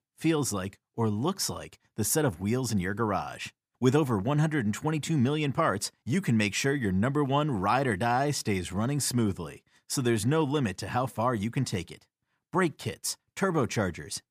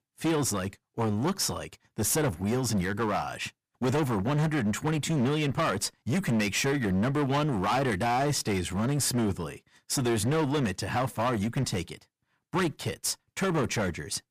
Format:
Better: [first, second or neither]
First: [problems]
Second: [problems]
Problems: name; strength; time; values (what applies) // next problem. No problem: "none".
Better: first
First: none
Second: distortion; heavy; 17% of the sound clipped